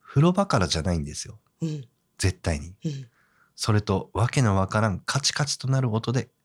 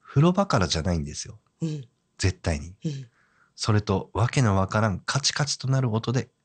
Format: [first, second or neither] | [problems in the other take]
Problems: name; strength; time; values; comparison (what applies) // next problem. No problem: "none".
first | garbled, watery; slightly; nothing above 8.5 kHz